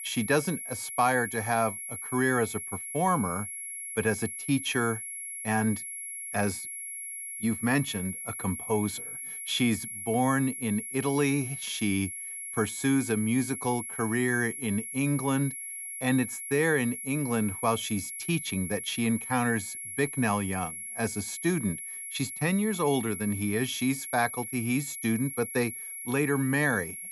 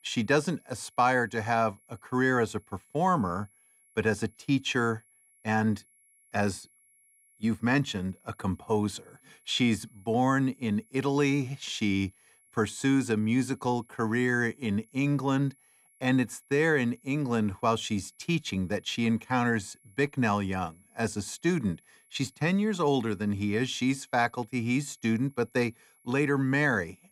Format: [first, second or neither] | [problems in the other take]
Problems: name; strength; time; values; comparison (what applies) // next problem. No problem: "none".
second | high-pitched whine; loud; throughout; 11 kHz, 6 dB below the speech; faint in the second